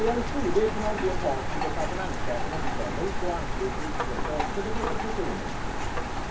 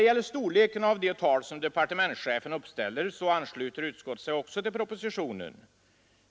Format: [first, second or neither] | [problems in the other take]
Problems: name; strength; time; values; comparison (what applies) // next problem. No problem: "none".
second | background sound (Rain); 3 dB above the speech // room echo; dies away in 0.4 s